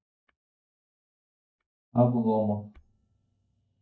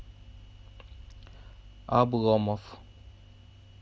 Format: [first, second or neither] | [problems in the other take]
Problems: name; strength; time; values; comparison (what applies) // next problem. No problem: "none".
second | noise reduction (neural mask model DeepFilterNet 3)